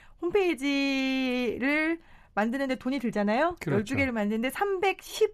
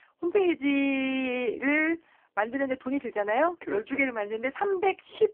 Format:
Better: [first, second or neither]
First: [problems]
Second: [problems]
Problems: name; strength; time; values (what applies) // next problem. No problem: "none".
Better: first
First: none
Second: phone-call audio; poor line